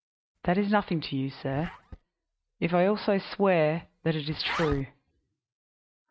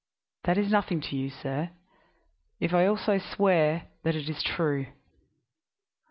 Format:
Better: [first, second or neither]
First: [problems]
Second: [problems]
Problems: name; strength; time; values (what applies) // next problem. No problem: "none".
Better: second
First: noise reduction (neural mask model RNNoise)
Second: none